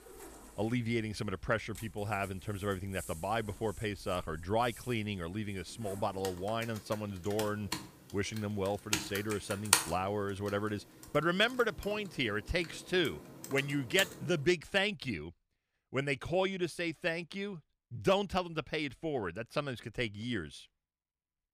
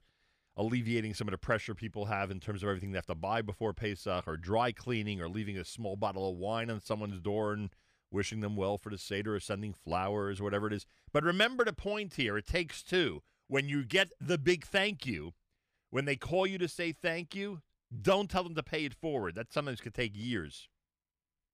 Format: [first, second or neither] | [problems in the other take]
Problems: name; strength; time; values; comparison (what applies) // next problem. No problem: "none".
second | household noises; loud; until 14 s; 4 dB below the speech